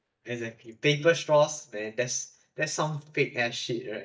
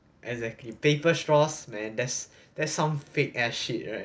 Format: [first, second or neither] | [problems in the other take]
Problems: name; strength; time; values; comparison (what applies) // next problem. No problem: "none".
second | noise reduction (neural mask model DeepFilterNet 3)